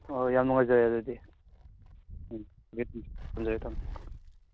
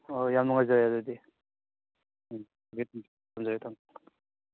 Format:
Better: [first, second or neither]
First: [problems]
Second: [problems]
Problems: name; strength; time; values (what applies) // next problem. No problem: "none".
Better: second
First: background sound (Wind); 12 dB below the speech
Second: none